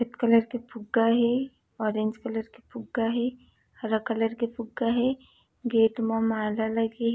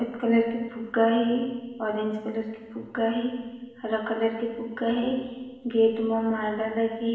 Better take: first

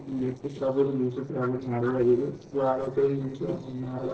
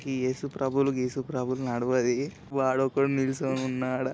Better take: second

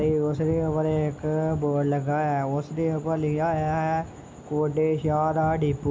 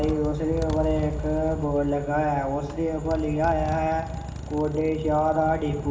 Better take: first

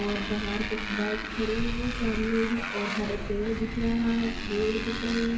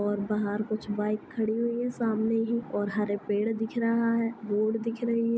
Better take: second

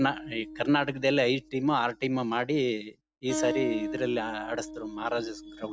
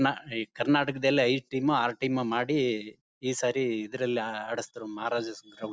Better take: second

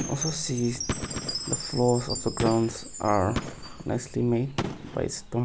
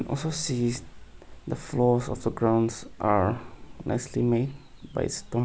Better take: second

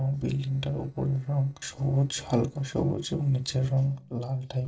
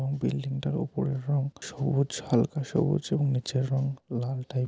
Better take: second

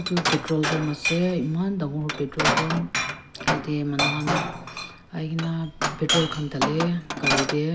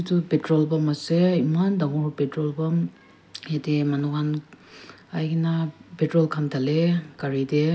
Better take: second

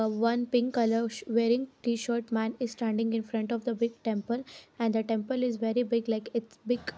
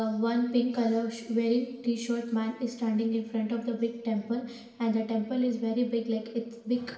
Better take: first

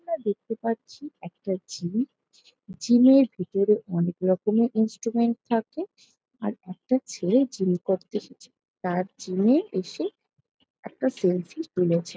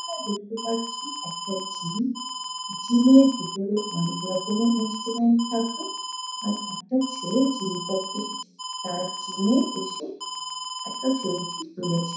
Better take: first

